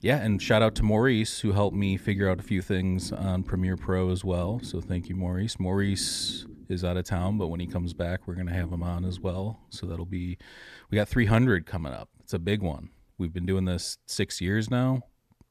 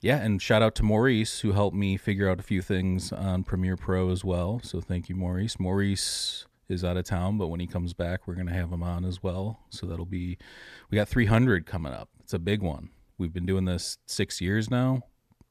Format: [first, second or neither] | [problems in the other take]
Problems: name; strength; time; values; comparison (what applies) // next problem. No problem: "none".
second | low rumble; noticeable; until 10 s; 20 dB below the speech